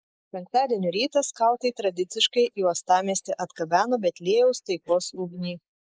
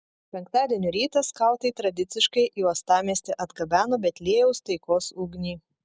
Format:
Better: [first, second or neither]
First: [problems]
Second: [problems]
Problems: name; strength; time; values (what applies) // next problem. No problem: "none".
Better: second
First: noise reduction (neural mask model Resemble Enhance denoiser)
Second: none